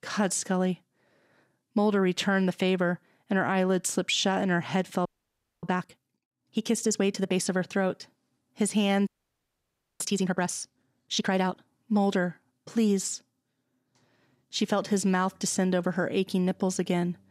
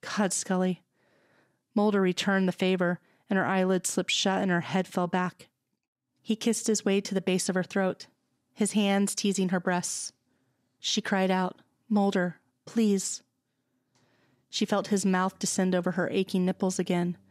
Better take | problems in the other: second | audio freezing; at 5 s for 0.5 s and at 9 s for 1 s

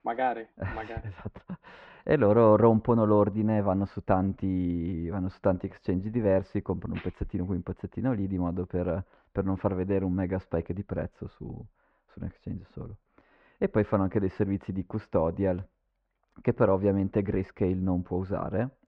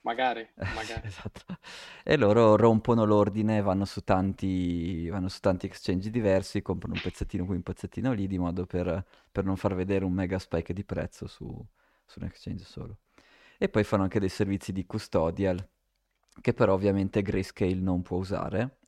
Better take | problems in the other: second | muffled; very; fading above 1.5 kHz

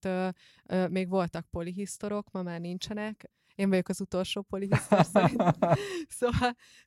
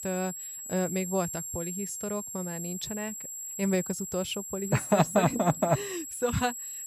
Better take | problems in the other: first | high-pitched whine; loud; throughout; 7.5 kHz, 6 dB below the speech

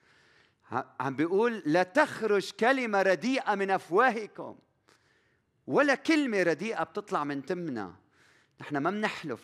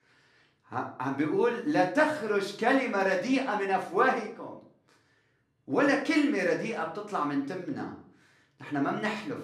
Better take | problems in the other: first | room echo; slight; dies away in 0.4 s // off-mic speech; far

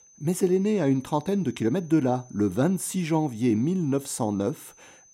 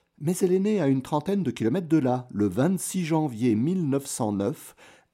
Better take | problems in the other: second | high-pitched whine; faint; throughout; 6 kHz, 25 dB below the speech

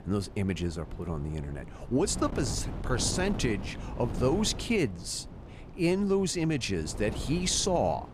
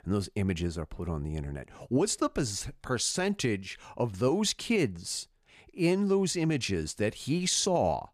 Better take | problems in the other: second | wind noise on the microphone; occasional gusts; 15 dB below the speech

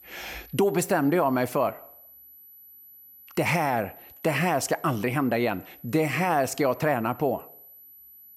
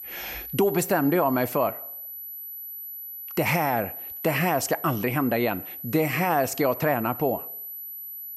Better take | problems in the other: first | high-pitched whine; loud; throughout; 12 kHz, 9 dB below the speech; faint in the first

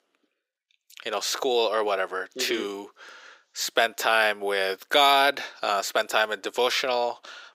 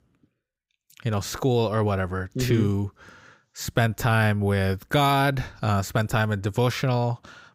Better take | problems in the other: second | thin; very; fading below 350 Hz

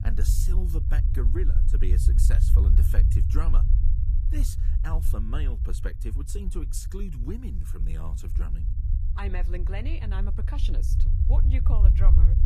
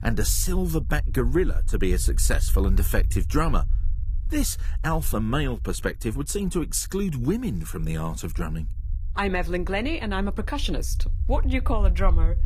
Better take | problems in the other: second | low rumble; loud; throughout; 3 dB below the speech; faint in the second

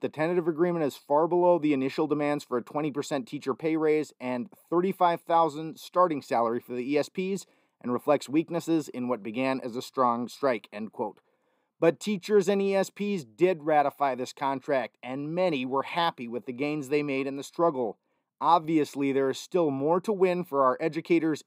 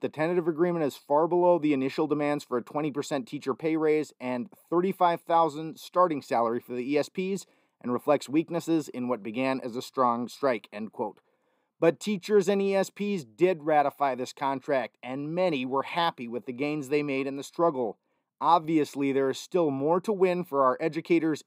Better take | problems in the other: neither | none

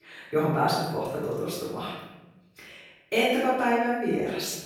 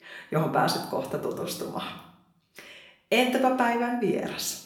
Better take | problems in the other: second | room echo; strong; dies away in 1 s; slight in the second // off-mic speech; far; somewhat distant in the second

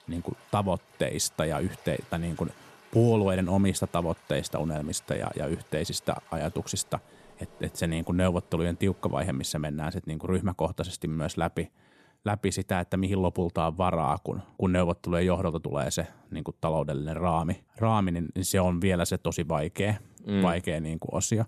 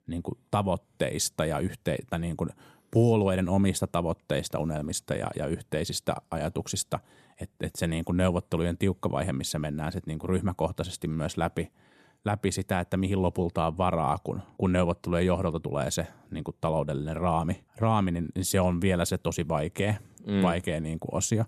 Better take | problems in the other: second | rain or running water; faint; until 9.5 s; 25 dB below the speech

